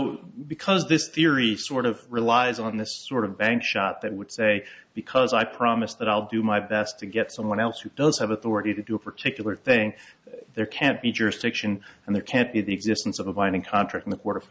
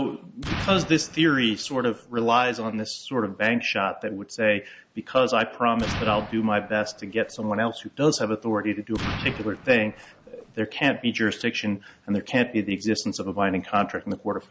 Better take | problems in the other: first | background sound (Explosion); 10 dB below the speech

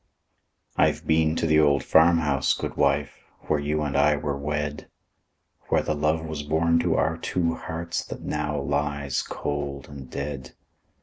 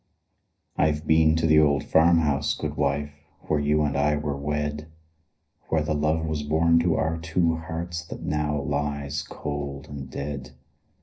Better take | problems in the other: first | room echo; dies away in 0.5 s

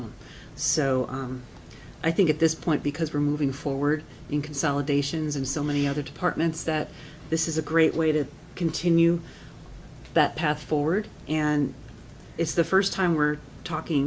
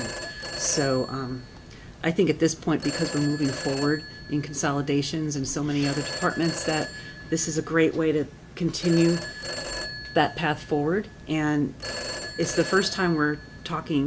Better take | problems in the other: first | background sound (Telephone); 11 dB below the speech

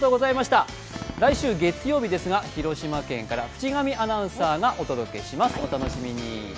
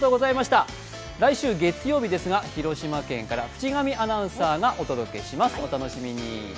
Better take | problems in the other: second | background sound (Fireworks); 16 dB below the speech

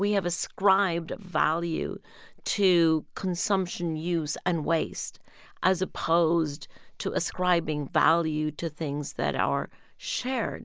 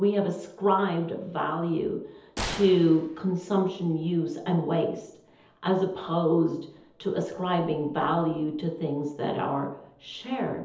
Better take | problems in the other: first | background sound (Gunshot, gunfire); 14 dB below the speech // room echo; dies away in 0.8 s

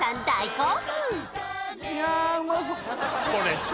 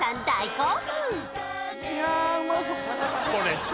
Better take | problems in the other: first | background sound (Bowed string instrument); 11 dB below the speech

